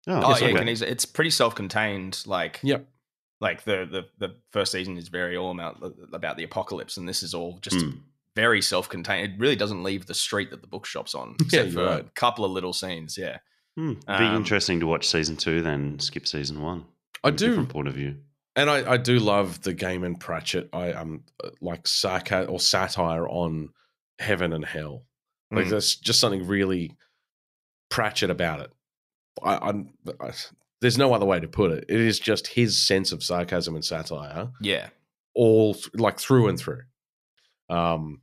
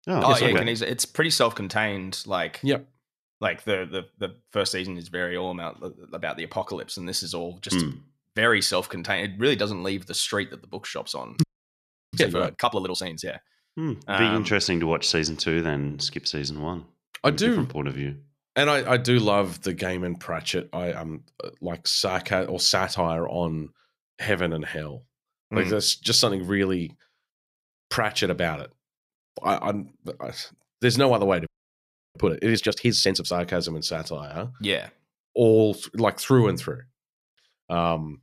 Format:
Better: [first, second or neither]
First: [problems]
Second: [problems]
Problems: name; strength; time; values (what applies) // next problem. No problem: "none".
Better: first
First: none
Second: audio freezing; at 11 s for 0.5 s and at 31 s for 0.5 s